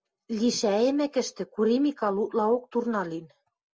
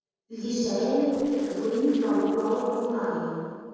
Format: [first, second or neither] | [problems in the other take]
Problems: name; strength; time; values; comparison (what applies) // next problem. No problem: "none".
first | noise reduction (neural separator model SepFormer DNS4)